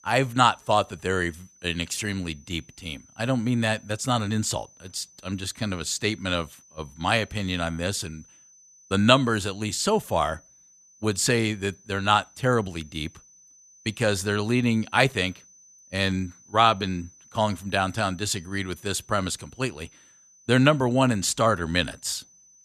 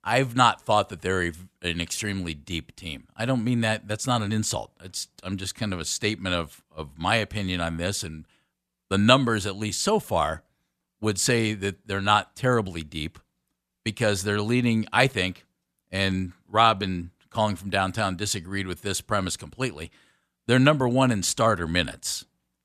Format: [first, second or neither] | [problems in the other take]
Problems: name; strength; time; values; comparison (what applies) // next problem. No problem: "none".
second | high-pitched whine; faint; throughout; 6 kHz, 25 dB below the speech